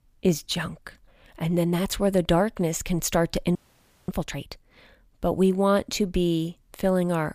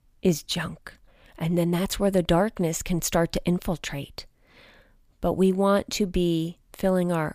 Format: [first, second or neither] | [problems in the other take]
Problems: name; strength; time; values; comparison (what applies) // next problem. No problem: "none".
second | audio freezing; at 3.5 s for 0.5 s